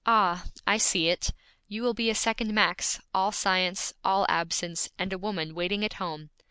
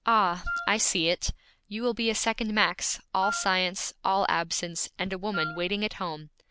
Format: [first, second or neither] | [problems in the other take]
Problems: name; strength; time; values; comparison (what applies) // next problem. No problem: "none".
first | background sound (Wind instrument, woodwind instrument); 8 dB below the speech